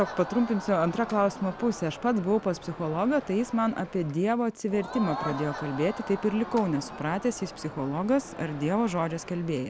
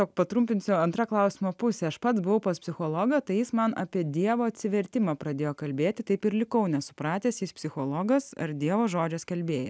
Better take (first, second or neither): second